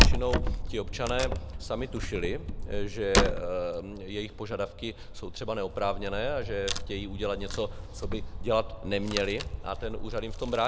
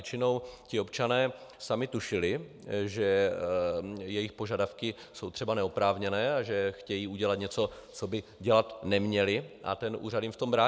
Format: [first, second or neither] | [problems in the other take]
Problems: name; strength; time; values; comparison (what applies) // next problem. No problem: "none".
second | background sound (Wood); 2 dB above the speech